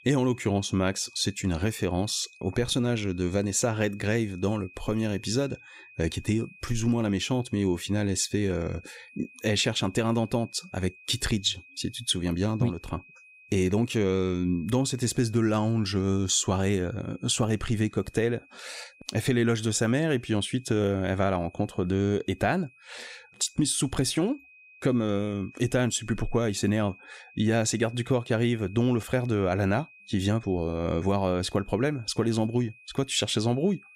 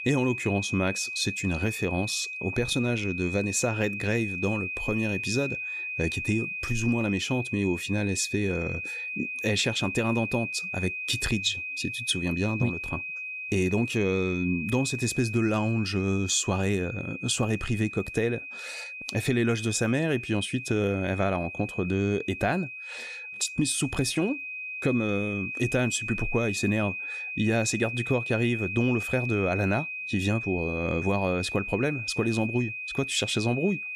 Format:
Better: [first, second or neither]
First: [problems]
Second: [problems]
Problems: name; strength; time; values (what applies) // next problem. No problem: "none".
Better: first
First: high-pitched whine; faint; throughout; 2.5 kHz, 25 dB below the speech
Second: high-pitched whine; loud; throughout; 2.5 kHz, 5 dB below the speech